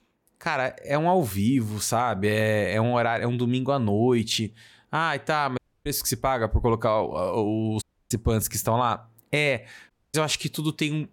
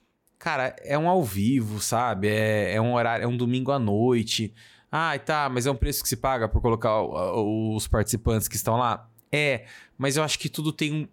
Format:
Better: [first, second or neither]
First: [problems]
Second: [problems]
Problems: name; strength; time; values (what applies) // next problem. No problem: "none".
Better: second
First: audio cutting out; at 5.5 s, at 8 s and at 10 s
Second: none